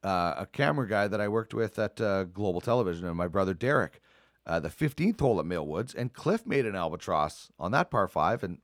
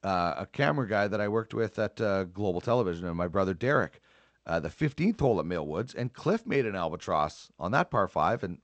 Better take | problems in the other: first | garbled, watery; slightly

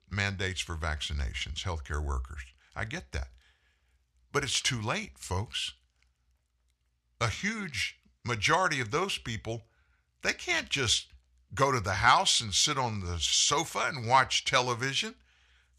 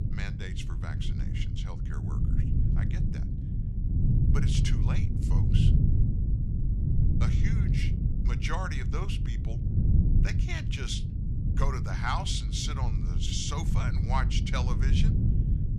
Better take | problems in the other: first | low rumble; loud; throughout; 4 dB below the speech

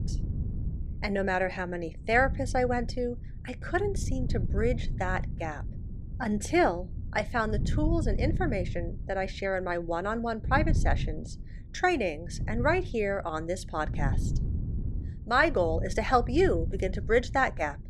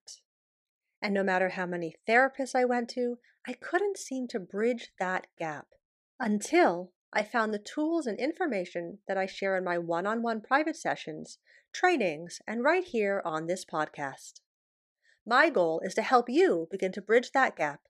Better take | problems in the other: second | wind noise on the microphone; occasional gusts; 20 dB below the speech

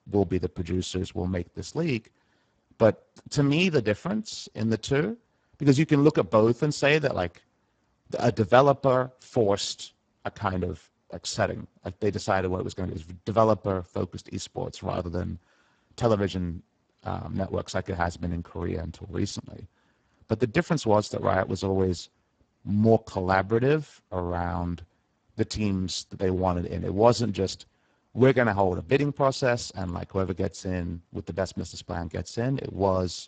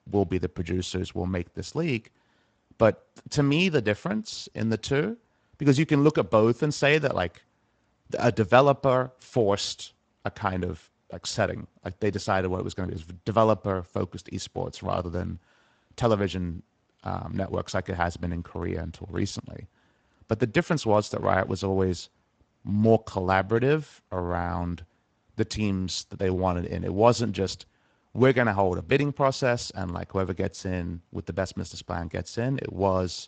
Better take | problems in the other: second | garbled, watery; badly; nothing above 8 kHz; slightly in the second

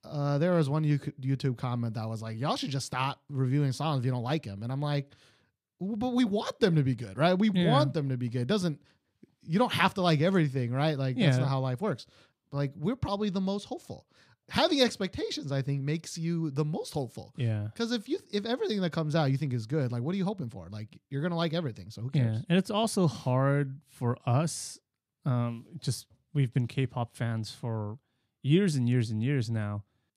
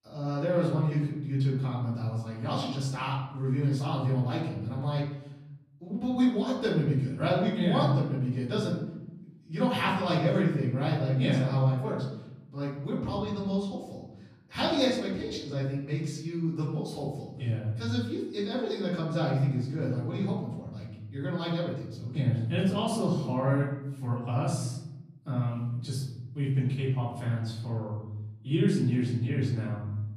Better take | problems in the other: first | off-mic speech; far // room echo; noticeable; dies away in 1 s

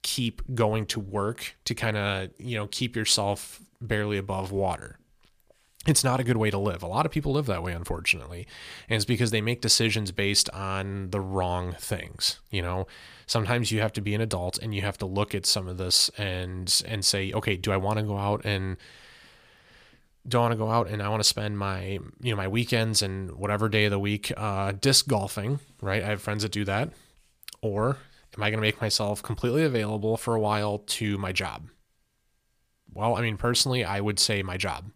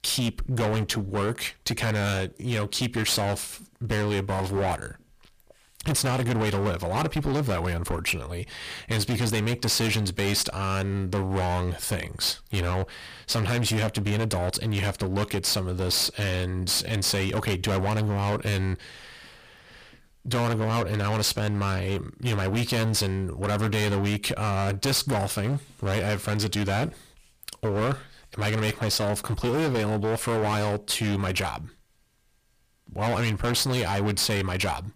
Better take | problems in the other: first | distortion; heavy; 23% of the sound clipped

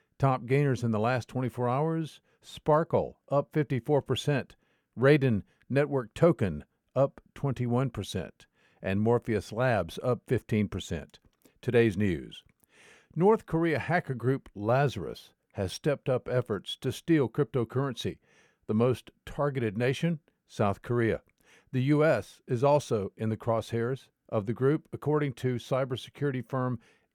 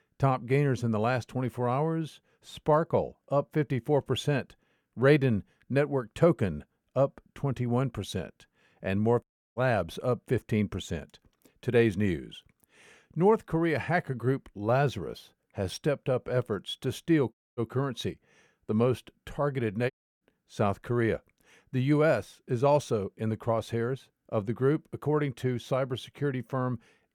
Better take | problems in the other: first | audio cutting out; at 9 s, at 17 s and at 20 s

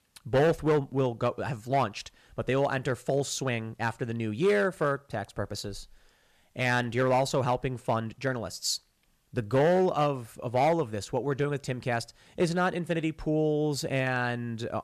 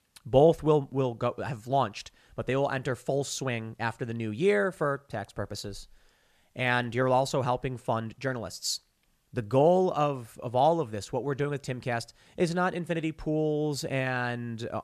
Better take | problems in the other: second | distortion; slight; 3% of the sound clipped

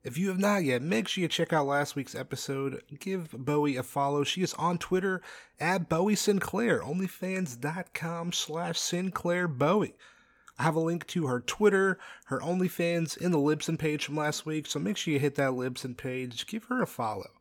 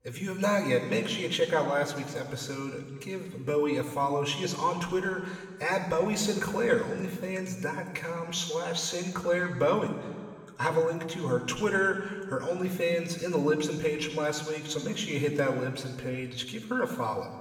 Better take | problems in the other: first | room echo; slight; dies away in 1.6 s // off-mic speech; somewhat distant

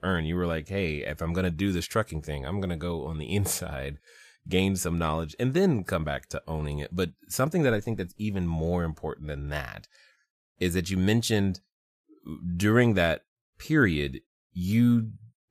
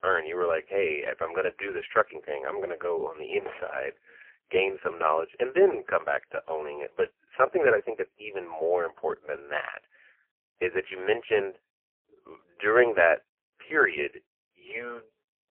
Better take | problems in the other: first | phone-call audio; poor line; nothing above 3 kHz

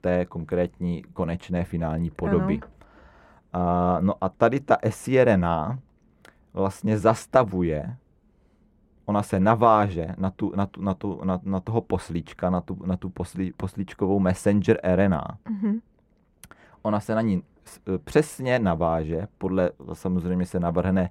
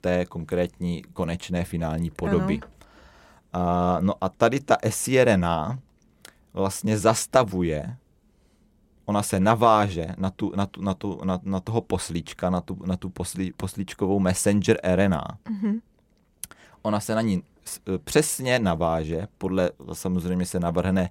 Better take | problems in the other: second | muffled; slightly; fading above 3 kHz

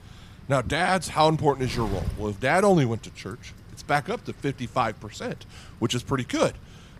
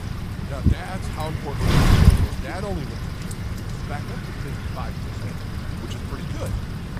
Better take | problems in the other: first | wind noise on the microphone; heavy; 4 dB above the speech; occasional gusts in the first

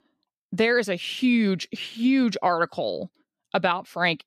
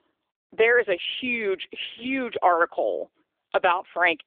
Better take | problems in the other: first | phone-call audio; nothing above 3.5 kHz

